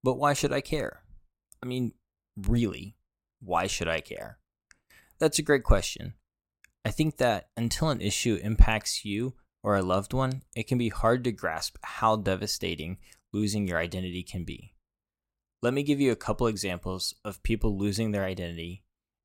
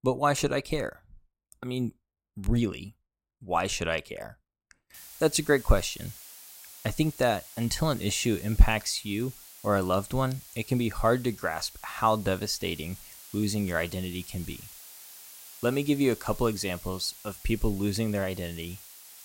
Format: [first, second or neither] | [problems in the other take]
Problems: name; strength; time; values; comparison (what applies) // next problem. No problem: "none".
first | hiss; noticeable; from 5 s on; 15 dB below the speech